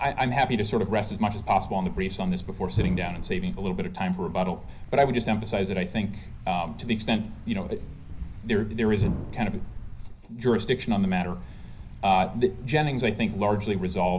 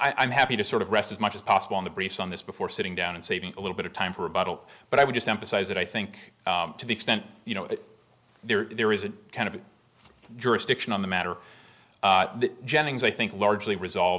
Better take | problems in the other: second | background sound (Thump, thud); 9 dB below the speech // room echo; dies away in 0.5 s

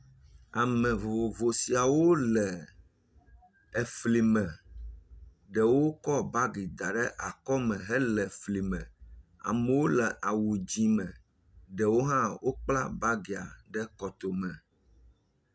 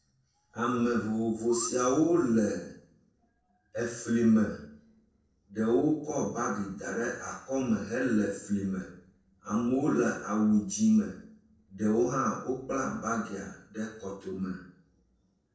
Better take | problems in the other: first | noise reduction (neural separator model SepFormer DNS4)

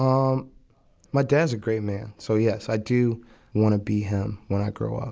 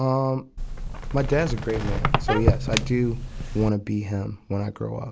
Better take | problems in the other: first | background sound (Squeak); as loud as the speech

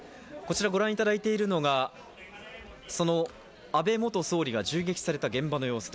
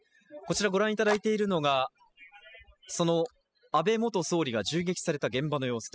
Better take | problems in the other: first | noise reduction (classical method spectral subtraction)

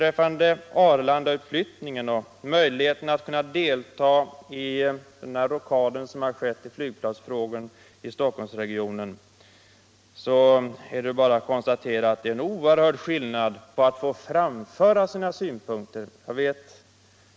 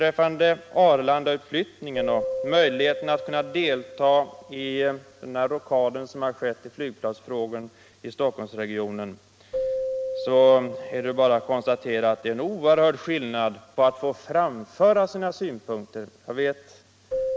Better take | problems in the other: first | background sound (Keyboard (musical)); 11 dB below the speech

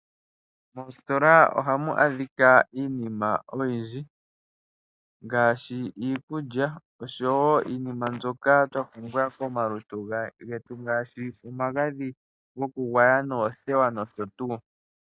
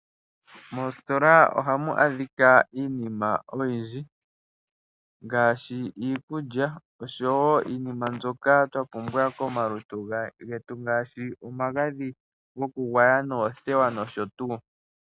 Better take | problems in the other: second | noise reduction (neural mask model DeepFilterNet 3)

